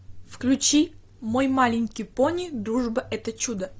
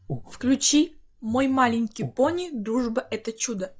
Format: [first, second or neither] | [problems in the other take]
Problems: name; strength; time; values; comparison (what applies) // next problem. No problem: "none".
first | noise reduction (classical method log-MMSE)